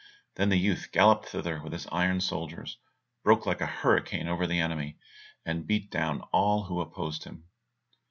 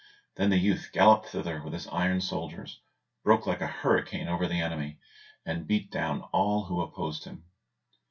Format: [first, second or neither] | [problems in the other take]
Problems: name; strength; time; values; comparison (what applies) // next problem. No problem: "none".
first | room echo; dies away in 0.2 s